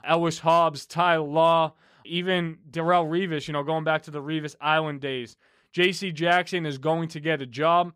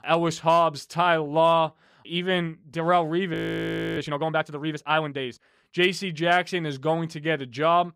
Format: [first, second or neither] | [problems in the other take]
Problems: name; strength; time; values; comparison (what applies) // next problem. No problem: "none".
first | audio freezing; at 3.5 s for 0.5 s